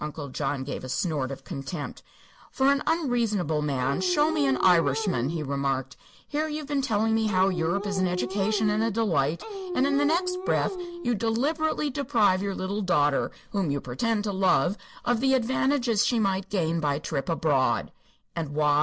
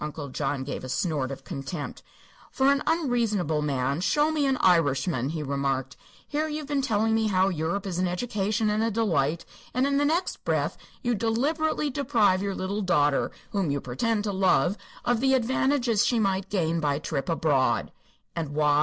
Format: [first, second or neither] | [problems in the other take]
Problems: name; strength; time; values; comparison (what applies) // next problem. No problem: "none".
second | background sound (Dog); 6 dB below the speech